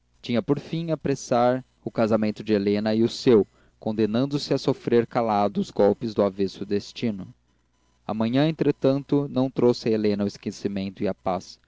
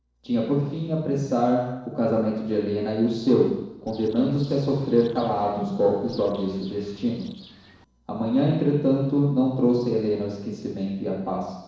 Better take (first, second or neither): first